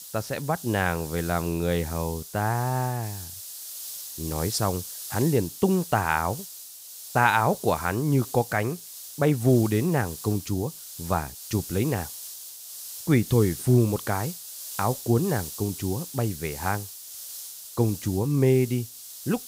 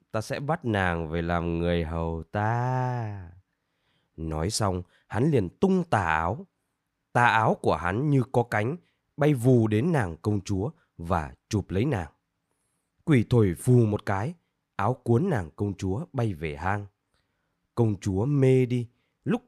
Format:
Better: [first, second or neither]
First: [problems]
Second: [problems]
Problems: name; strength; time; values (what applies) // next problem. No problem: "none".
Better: second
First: hiss; noticeable; throughout; 10 dB below the speech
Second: none